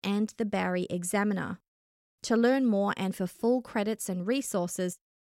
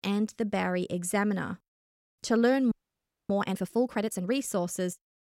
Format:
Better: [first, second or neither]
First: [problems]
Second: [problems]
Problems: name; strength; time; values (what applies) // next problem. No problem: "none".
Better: first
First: none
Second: audio freezing; at 2.5 s for 0.5 s